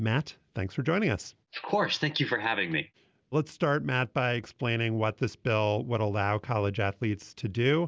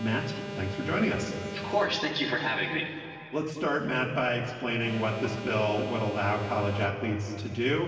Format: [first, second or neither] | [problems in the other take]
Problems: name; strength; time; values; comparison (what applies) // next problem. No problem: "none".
first | background sound (Alarm); 12 dB below the speech // room echo; dies away in 2.4 s